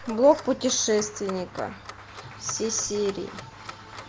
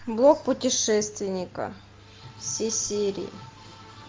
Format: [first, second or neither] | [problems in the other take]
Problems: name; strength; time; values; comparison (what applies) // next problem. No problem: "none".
second | background sound (Applause + Clock); 16 dB below the speech